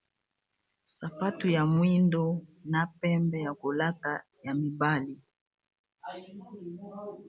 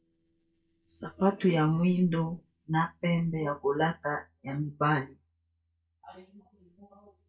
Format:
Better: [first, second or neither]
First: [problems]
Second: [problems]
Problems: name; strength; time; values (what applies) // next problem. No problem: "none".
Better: first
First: none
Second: noise reduction (neural mask model DeepFilterNet 3)